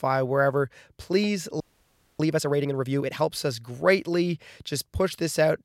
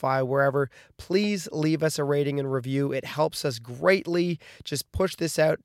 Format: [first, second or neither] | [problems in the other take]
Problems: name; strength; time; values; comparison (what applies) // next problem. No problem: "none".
second | audio freezing; at 1.5 s for 0.5 s